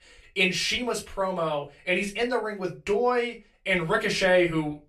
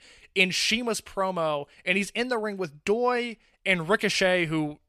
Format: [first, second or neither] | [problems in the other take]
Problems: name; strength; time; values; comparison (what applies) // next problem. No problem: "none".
second | off-mic speech; far // room echo; very slight; dies away in 0.2 s